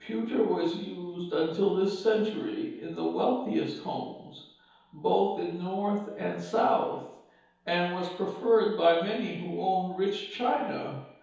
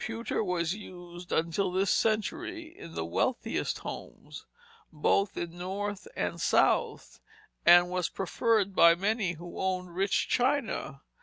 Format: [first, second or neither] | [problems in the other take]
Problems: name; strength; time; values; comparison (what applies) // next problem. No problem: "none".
second | room echo; dies away in 2.2 s